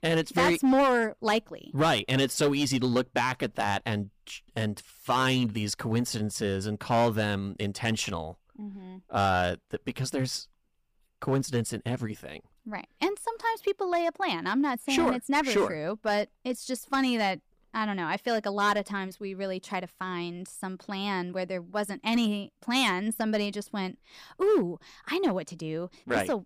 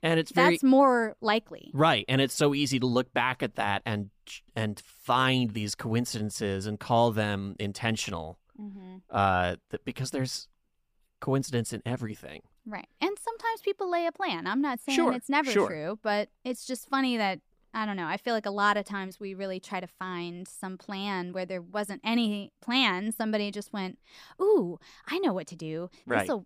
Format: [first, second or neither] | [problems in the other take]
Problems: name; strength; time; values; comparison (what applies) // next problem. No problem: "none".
second | distortion; slight; 4% of the sound clipped